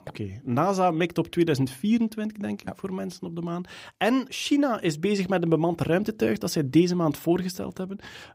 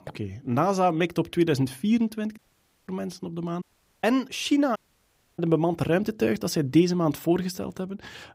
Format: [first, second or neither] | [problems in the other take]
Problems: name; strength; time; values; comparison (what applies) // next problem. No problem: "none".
first | audio cutting out; at 2.5 s for 0.5 s, at 3.5 s and at 5 s for 0.5 s